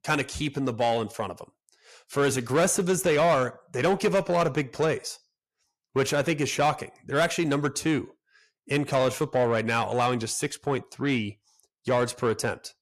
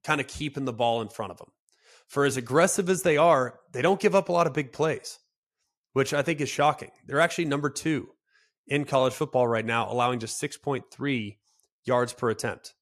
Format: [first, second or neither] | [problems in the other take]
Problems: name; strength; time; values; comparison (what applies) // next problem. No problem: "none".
second | distortion; slight; 10 dB below the speech